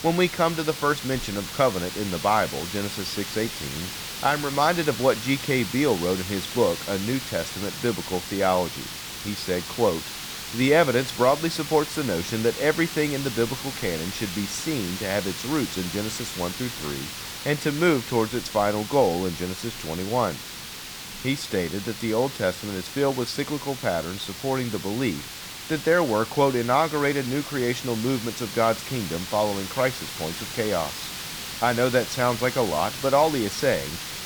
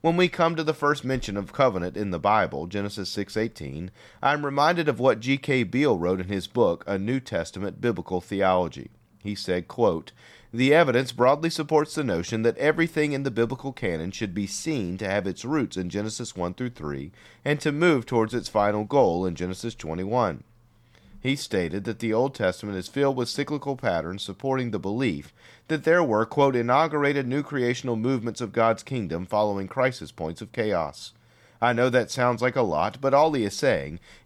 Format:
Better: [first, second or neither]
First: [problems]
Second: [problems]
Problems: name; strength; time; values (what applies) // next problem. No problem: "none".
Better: second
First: hiss; loud; throughout; 7 dB below the speech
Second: none